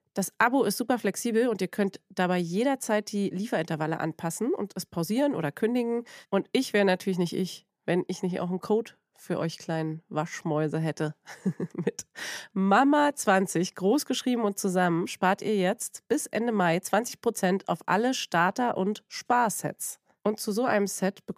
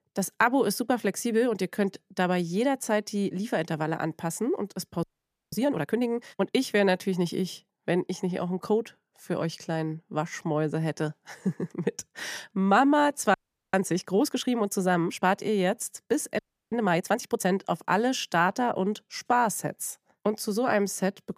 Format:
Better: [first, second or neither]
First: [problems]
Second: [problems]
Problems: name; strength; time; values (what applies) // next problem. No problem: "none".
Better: first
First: none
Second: audio freezing; at 5 s, at 13 s and at 16 s